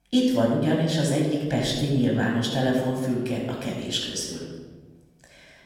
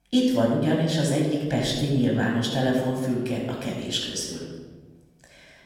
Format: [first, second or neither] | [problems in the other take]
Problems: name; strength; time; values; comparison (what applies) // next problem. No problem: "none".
neither | off-mic speech; somewhat distant; the same in both // room echo; noticeable; dies away in 1.2 s; the same in both